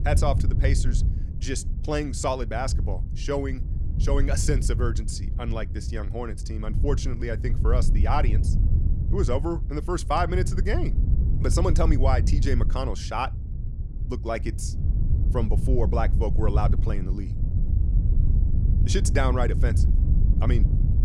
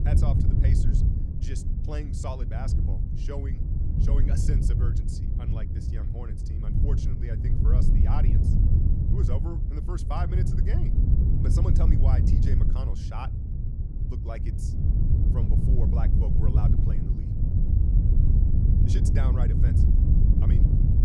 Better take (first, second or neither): first